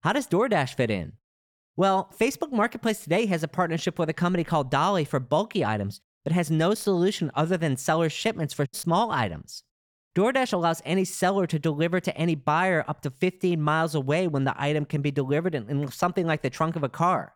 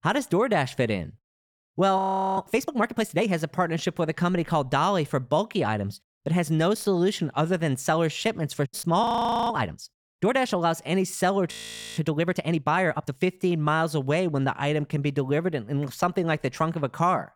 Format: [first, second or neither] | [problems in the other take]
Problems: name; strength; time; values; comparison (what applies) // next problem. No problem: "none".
first | audio freezing; at 2 s, at 9 s and at 12 s